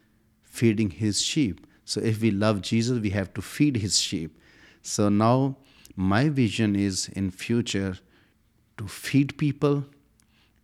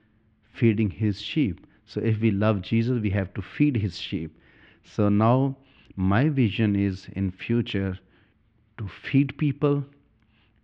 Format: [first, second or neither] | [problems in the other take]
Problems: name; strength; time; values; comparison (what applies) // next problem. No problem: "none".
first | muffled; very; fading above 3 kHz